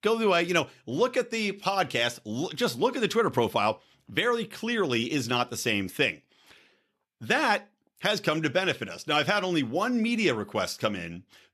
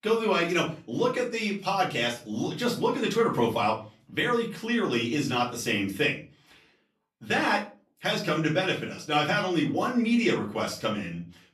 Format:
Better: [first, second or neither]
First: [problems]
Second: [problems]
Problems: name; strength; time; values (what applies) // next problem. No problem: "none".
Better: first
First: none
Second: off-mic speech; far // room echo; slight; dies away in 0.3 s